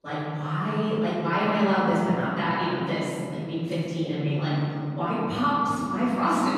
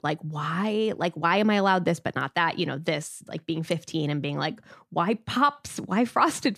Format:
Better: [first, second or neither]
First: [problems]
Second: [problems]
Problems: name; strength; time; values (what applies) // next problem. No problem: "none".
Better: second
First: off-mic speech; far // room echo; strong; dies away in 3 s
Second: none